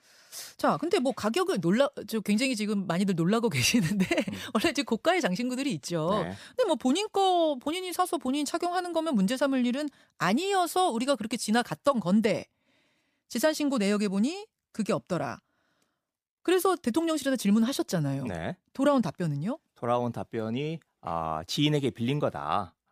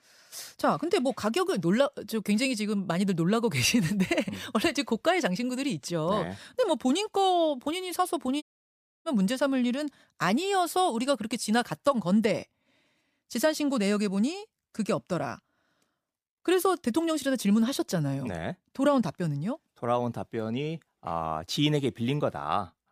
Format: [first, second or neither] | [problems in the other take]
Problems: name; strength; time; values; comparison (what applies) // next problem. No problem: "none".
first | audio cutting out; at 8.5 s for 0.5 s